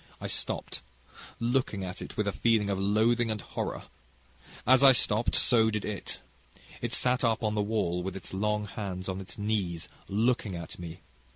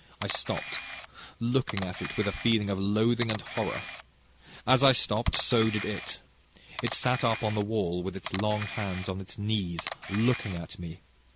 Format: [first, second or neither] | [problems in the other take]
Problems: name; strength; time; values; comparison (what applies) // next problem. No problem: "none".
first | background sound (Camera); 11 dB below the speech